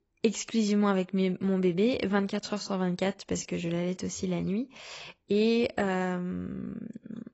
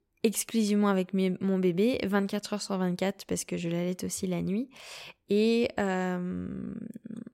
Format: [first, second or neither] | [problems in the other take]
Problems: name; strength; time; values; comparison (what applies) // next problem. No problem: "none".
second | garbled, watery; badly; nothing above 7.5 kHz